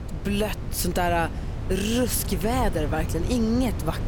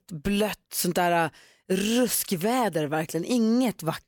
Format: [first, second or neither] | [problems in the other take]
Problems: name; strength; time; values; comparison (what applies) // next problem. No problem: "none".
second | wind noise on the microphone; occasional gusts; 15 dB below the speech